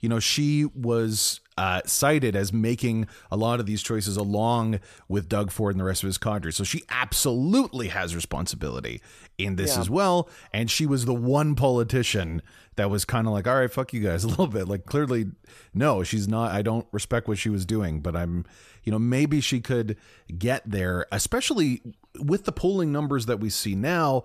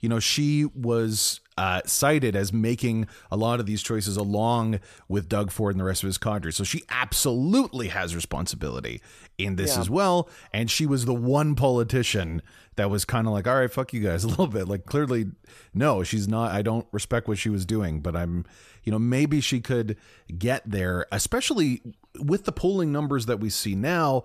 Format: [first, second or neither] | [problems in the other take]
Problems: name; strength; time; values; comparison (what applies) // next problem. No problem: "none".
neither | none